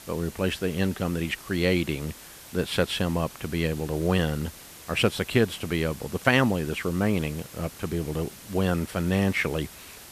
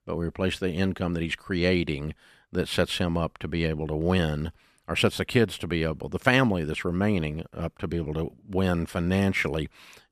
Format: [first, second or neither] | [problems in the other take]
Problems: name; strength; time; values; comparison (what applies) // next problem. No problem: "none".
second | hiss; noticeable; throughout; 15 dB below the speech